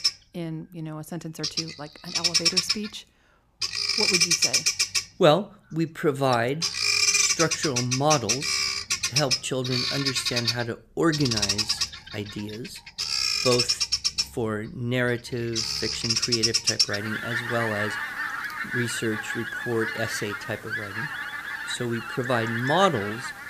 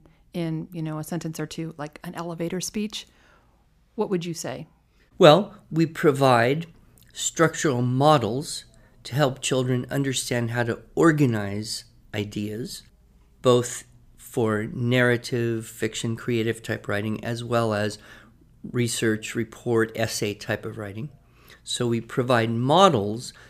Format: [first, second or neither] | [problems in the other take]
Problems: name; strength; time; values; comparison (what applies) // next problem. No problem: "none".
second | animal sounds; very loud; throughout; 4 dB above the speech